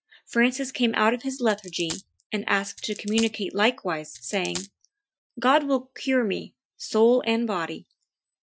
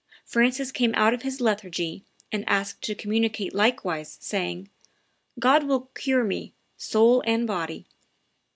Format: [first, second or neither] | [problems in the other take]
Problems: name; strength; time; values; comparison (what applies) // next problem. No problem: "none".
second | noise reduction (classical method Wiener filter)